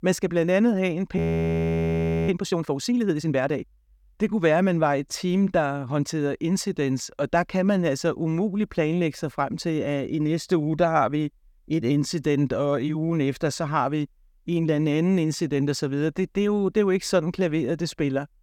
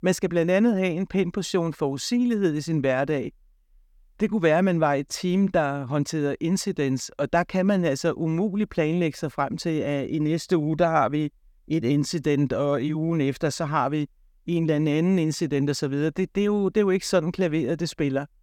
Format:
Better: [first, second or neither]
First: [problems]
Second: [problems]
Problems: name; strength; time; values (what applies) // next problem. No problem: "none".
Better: second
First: audio freezing; at 1 s for 1 s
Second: none